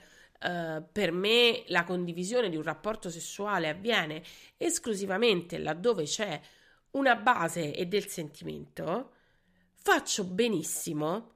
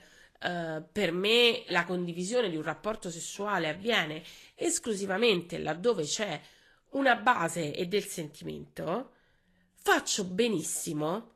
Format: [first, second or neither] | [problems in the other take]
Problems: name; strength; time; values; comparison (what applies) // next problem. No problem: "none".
first | garbled, watery; slightly; nothing above 12.5 kHz